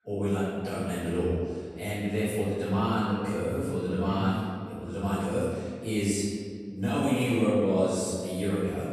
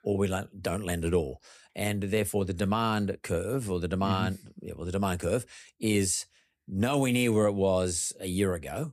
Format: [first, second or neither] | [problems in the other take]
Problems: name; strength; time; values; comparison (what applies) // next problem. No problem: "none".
second | off-mic speech; far // room echo; strong; dies away in 1.8 s